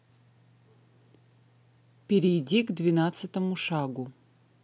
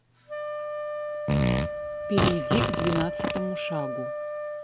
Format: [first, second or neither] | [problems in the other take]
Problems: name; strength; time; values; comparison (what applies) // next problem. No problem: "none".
first | background sound (Fart + Wind instrument, woodwind instrument); 4 dB above the speech